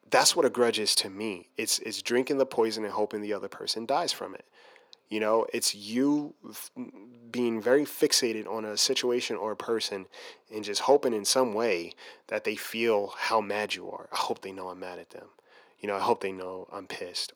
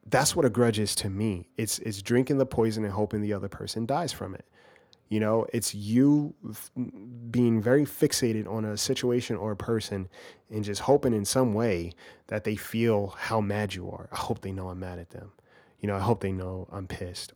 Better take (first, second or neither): second